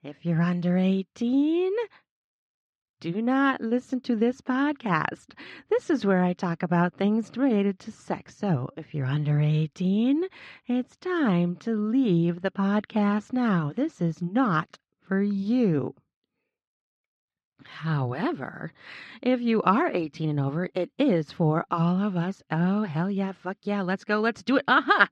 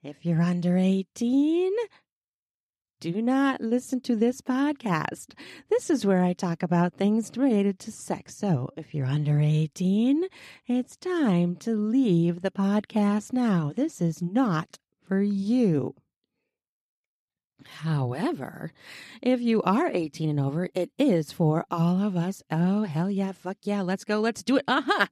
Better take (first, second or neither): second